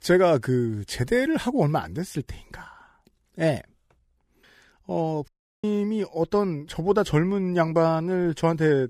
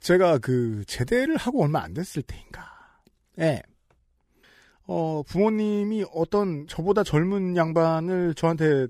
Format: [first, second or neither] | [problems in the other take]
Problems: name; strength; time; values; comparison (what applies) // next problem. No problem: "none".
second | audio cutting out; at 5.5 s